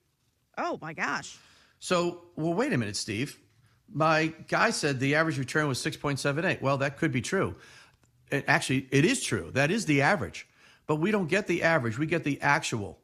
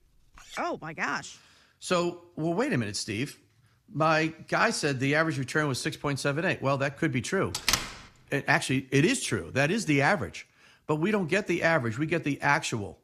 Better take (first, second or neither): first